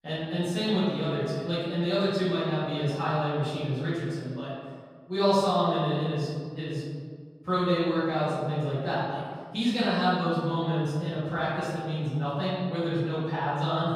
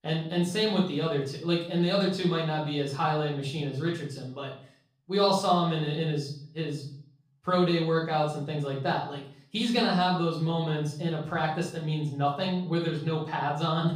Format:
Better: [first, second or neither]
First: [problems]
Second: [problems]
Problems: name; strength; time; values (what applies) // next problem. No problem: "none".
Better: second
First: room echo; strong; dies away in 1.6 s // off-mic speech; far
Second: room echo; slight; dies away in 0.5 s // off-mic speech; far